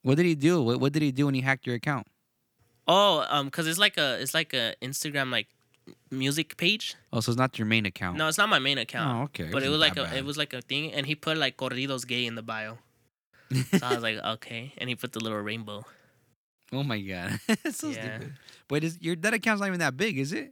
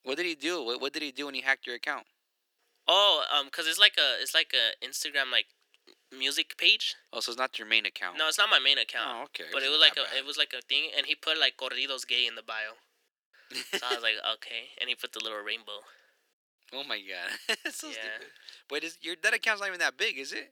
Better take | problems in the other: first | thin; very; fading below 400 Hz

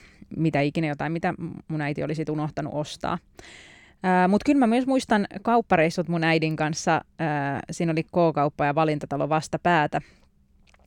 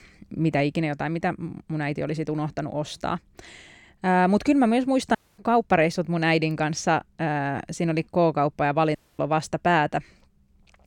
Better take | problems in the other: first | audio cutting out; at 5 s and at 9 s

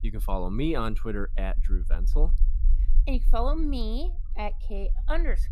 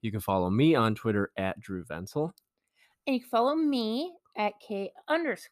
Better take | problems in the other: second | low rumble; faint; throughout; 20 dB below the speech

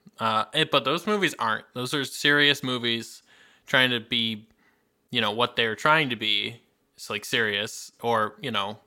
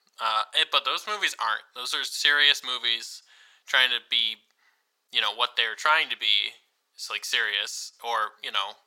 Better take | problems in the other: first | thin; very; fading below 950 Hz

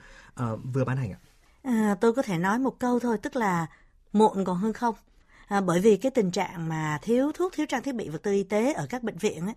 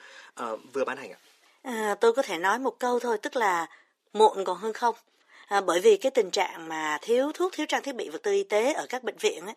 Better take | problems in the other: first | thin; somewhat; fading below 350 Hz

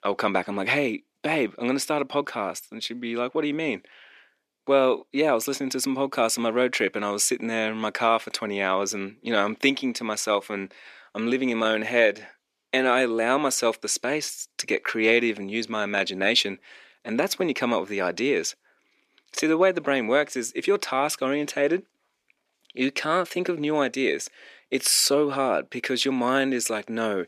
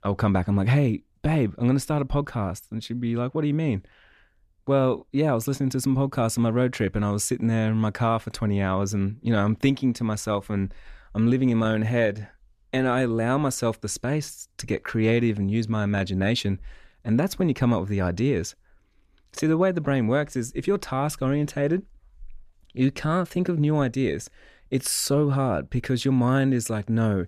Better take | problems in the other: second | thin; somewhat; fading below 300 Hz

